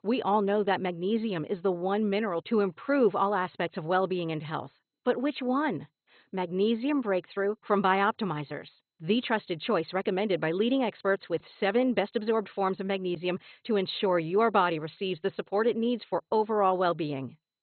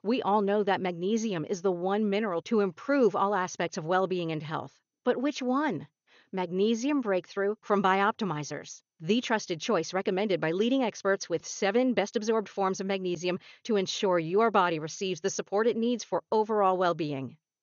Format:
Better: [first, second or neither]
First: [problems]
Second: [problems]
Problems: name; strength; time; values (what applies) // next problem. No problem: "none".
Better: second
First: garbled, watery; badly; nothing above 4 kHz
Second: garbled, watery; slightly; nothing above 6.5 kHz